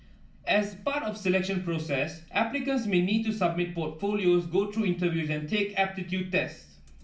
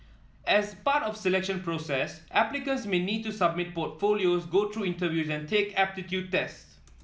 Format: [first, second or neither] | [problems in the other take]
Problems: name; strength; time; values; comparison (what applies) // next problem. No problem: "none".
second | room echo; dies away in 0.2 s